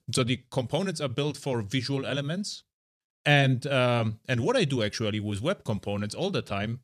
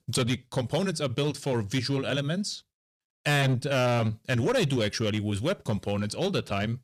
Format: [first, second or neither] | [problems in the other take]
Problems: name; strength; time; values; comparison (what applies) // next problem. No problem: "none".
first | distortion; slight; 9% of the sound clipped